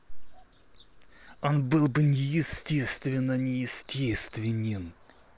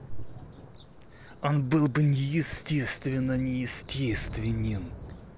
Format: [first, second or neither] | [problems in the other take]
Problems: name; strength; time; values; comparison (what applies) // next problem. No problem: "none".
first | background sound (Thunder / Rain); 13 dB below the speech